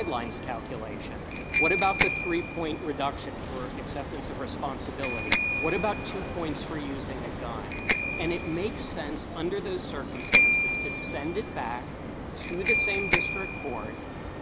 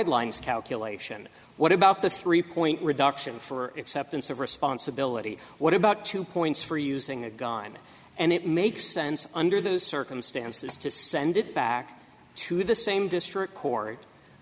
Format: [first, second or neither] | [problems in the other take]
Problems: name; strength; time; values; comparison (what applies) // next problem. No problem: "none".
second | background sound (Bicycle bell); 3 dB above the speech